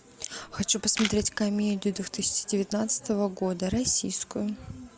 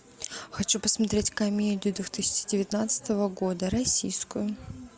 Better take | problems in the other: second | background sound (Camera); 10 dB below the speech

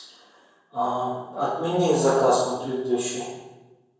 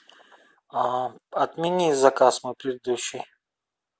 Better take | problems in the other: second | room echo; dies away in 1 s

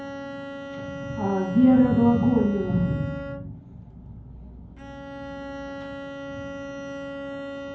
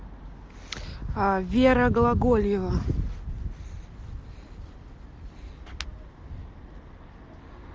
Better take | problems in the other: second | background sound (Bowed string instrument); 10 dB below the speech // room echo; dies away in 0.9 s

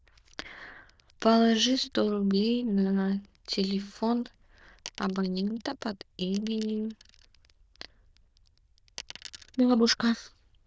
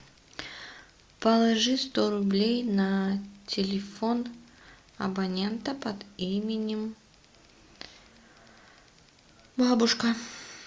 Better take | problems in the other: second | noise reduction (neural diffusion model UNIVERSE++)

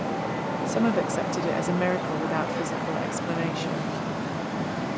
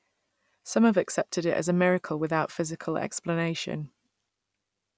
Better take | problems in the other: second | background sound (Traffic noise, roadway noise); 2 dB above the speech

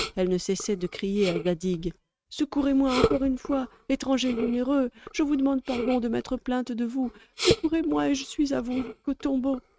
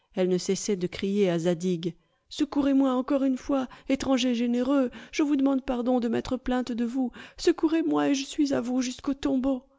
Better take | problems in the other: second | noise reduction (neural mask model RNNoise)

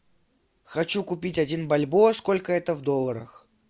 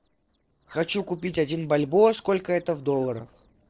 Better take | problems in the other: first | noise reduction (neural separator model SepFormer DNS4)

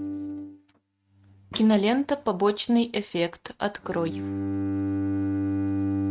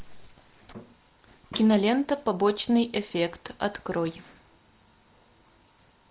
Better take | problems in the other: second | noise reduction (neural mask model RNNoise)

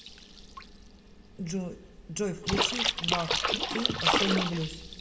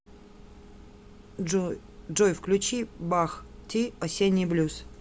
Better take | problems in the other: second | background sound (Splash, splatter); 3 dB above the speech // room echo; dies away in 1.1 s

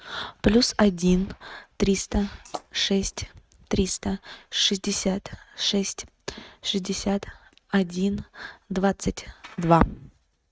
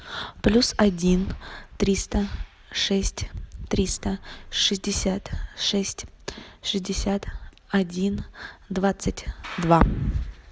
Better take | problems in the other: second | noise reduction (neural mask model RNNoise)

